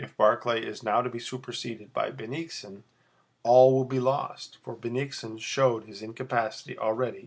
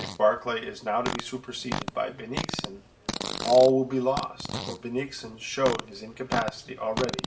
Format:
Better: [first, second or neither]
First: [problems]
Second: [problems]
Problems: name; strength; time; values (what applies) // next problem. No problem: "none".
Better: first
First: none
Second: background sound (Fart); 8 dB below the speech // room echo; dies away in 0.4 s